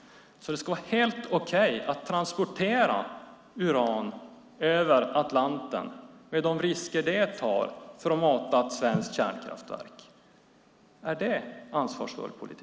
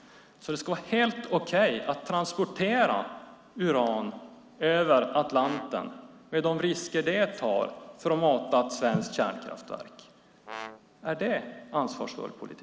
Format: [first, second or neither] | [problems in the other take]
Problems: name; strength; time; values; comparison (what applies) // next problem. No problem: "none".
first | background sound (Brass instrument); 15 dB below the speech